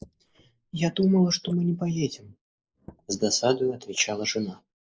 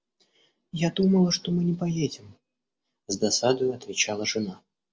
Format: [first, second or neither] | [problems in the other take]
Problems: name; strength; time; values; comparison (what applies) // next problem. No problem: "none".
second | noise reduction (neural mask model Resemble Enhance denoiser)